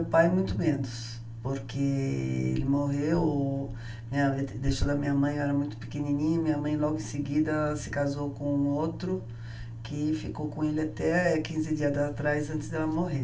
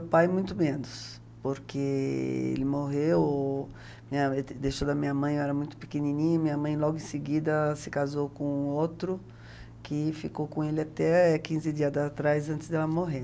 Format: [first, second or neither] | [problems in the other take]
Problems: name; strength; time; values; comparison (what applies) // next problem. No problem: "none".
second | room echo; dies away in 0.2 s